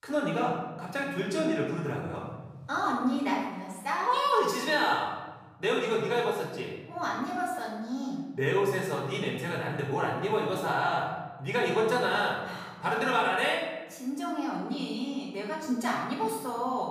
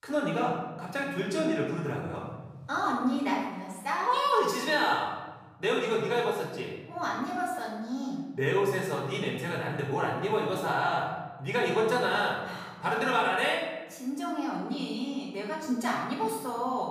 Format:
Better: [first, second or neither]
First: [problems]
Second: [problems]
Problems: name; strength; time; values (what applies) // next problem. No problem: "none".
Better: neither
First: room echo; noticeable; dies away in 1.7 s // off-mic speech; far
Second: room echo; noticeable; dies away in 1.7 s // off-mic speech; far